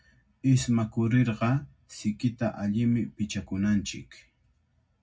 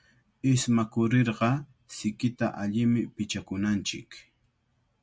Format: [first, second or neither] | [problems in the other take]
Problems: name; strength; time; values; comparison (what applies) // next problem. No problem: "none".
second | room echo; dies away in 0.4 s